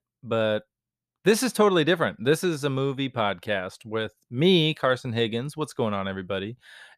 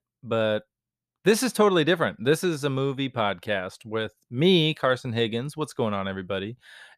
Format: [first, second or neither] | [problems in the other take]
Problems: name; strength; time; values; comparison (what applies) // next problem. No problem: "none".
neither | none